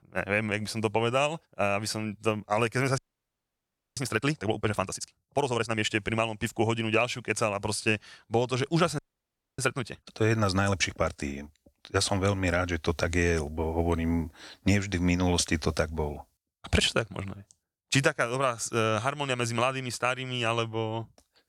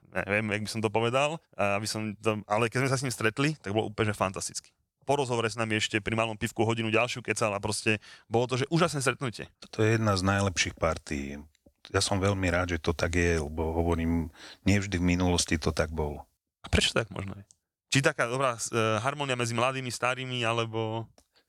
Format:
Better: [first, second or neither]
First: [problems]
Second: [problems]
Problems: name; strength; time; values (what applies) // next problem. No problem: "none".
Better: second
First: audio freezing; at 3 s for 1 s and at 9 s for 0.5 s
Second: none